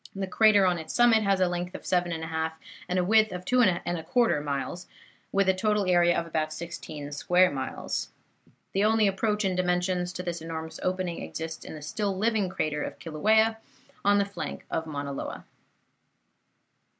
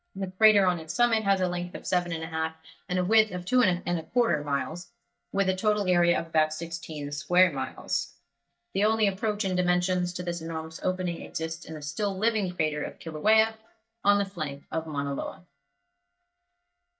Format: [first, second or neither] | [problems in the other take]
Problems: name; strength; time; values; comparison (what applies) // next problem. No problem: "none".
first | noise reduction (neural mask model DeepFilterNet 3)